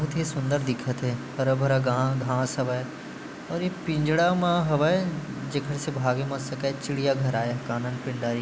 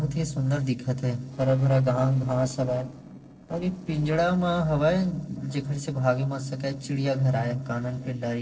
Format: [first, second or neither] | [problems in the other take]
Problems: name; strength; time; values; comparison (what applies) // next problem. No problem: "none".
first | noise reduction (neural separator model SepFormer DNS4)